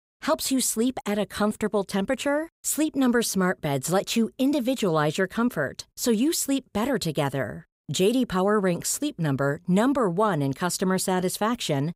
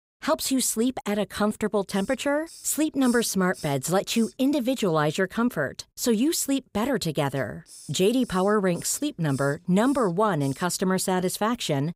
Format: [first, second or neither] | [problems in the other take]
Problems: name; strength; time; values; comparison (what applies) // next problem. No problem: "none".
first | hiss; noticeable; from 2 to 4.5 s and from 7.5 to 11 s; 20 dB below the speech